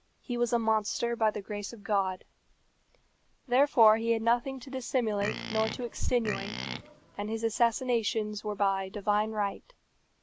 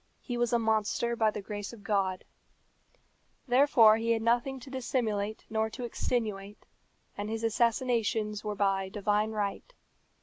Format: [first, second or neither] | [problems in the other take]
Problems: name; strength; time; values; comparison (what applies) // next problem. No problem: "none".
second | background sound (Livestock, farm animals, working animals); 8 dB below the speech